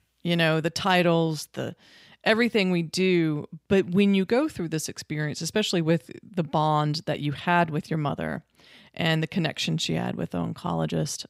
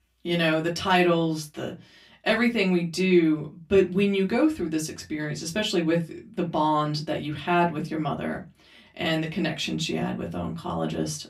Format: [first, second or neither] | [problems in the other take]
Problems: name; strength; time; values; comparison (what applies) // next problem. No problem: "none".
first | off-mic speech; far // room echo; very slight; dies away in 0.2 s